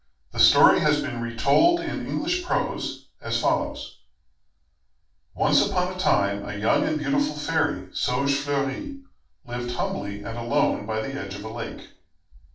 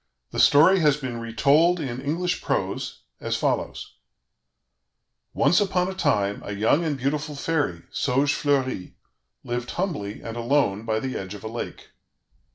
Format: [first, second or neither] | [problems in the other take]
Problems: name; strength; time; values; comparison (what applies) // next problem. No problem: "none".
second | room echo; dies away in 0.4 s